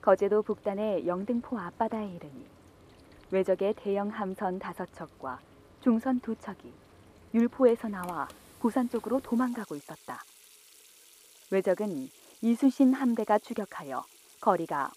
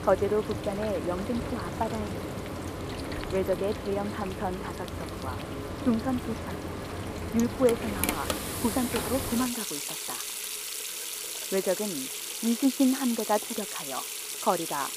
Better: first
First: household noises; faint; throughout; 25 dB below the speech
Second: household noises; loud; throughout; 3 dB below the speech

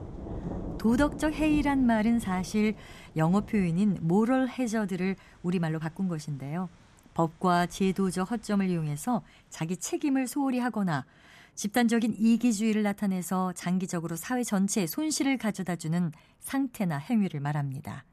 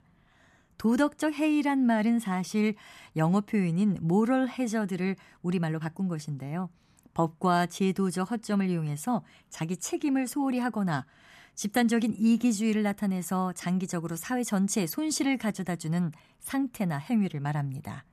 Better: second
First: rain or running water; noticeable; throughout; 15 dB below the speech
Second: none

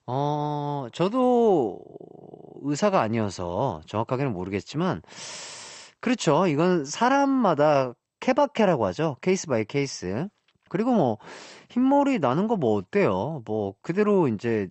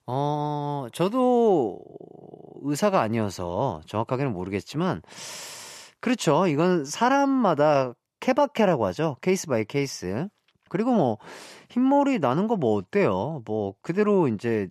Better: second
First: garbled, watery; slightly; nothing above 8 kHz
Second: none

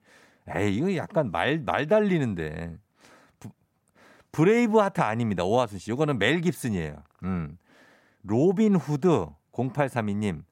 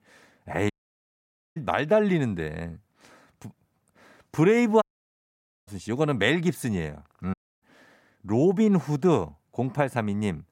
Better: first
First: none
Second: audio cutting out; at 0.5 s for 1 s, at 5 s for 1 s and at 7.5 s

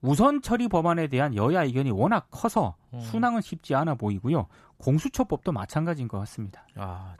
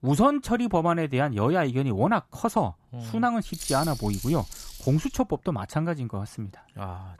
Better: first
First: none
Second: jangling keys; noticeable; from 3.5 to 5 s; peak 6 dB below the speech

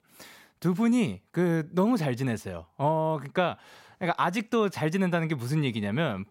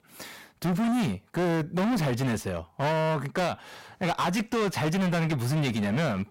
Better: first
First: none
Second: distortion; heavy; 29% of the sound clipped

